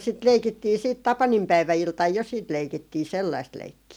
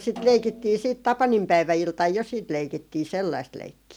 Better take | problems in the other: first | background sound (Snare drum); 20 dB below the speech

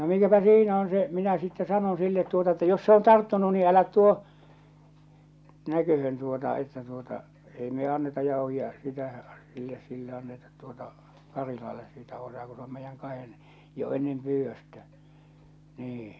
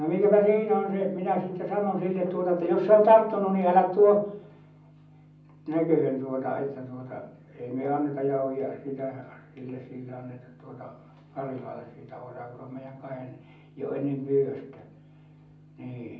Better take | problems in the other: first | room echo; dies away in 0.6 s

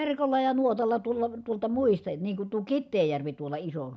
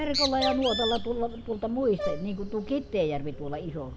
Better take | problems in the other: first | background sound (Brass instrument + Bird); 5 dB below the speech

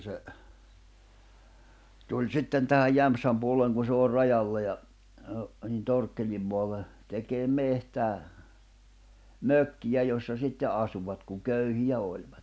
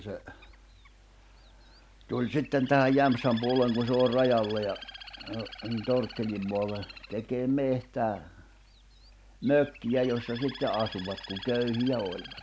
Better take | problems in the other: first | background sound (Bird); 17 dB below the speech

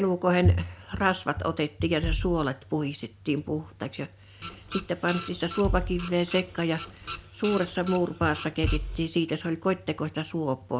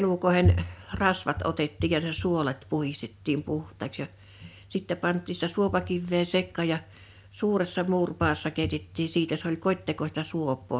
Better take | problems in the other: second | background sound (Bass drum + Printer); 9 dB below the speech

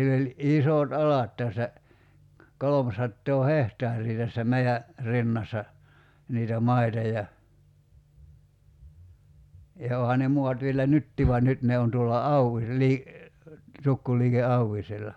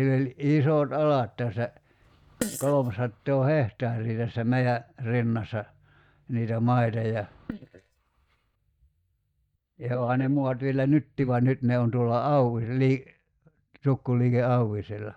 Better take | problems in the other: first | noise reduction (neural mask model DeepFilterNet 3)

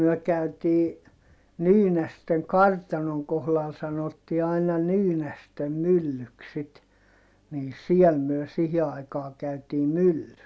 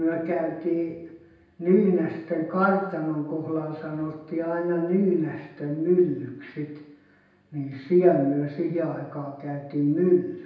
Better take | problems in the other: first | room echo; dies away in 0.9 s

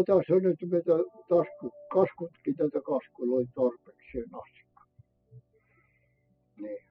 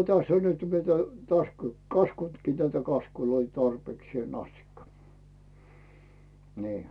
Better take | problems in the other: second | noise reduction (classical method spectral subtraction)

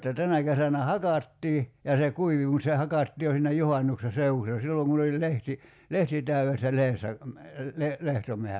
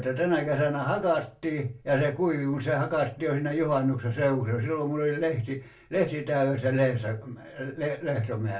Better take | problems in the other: first | room echo; dies away in 0.2 s

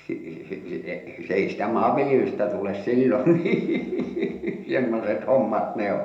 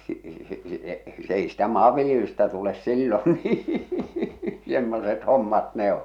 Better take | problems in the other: second | room echo; dies away in 0.7 s

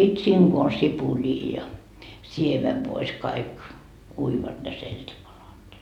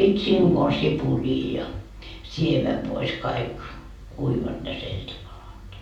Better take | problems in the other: first | room echo; dies away in 0.3 s

